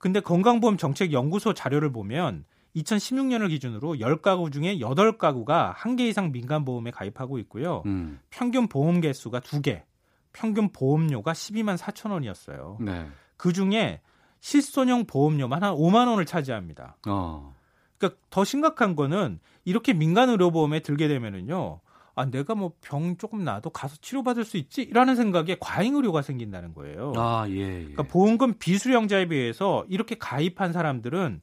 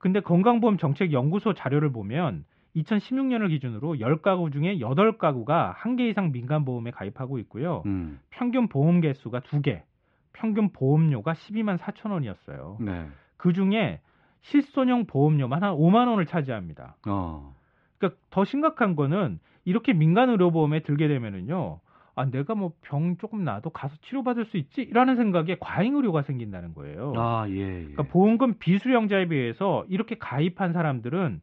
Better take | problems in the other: first | muffled; very; fading above 3 kHz

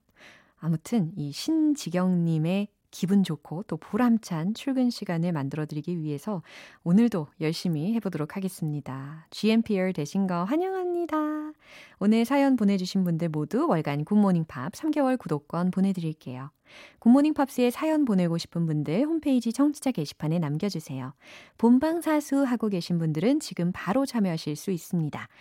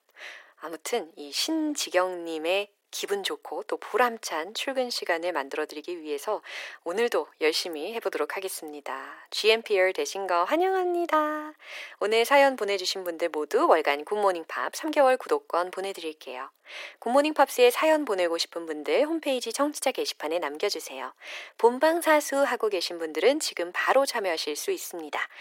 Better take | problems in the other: first | thin; very; fading below 400 Hz

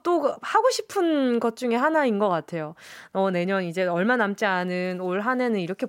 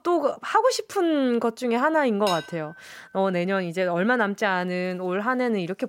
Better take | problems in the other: first | clattering dishes; noticeable; at 2.5 s; peak 9 dB below the speech

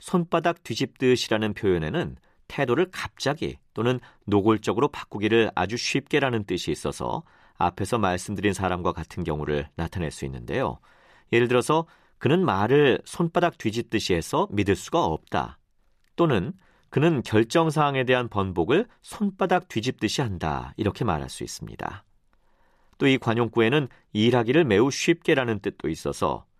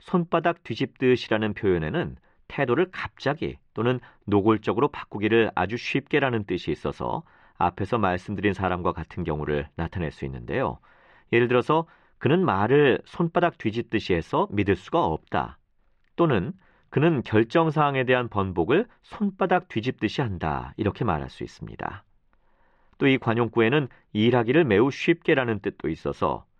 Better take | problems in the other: first | muffled; slightly; fading above 2.5 kHz

